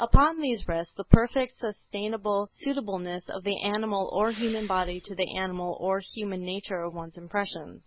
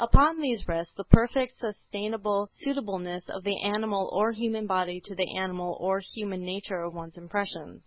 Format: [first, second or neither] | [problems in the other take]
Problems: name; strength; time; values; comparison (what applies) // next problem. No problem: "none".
second | background sound (Respiratory sounds); 17 dB below the speech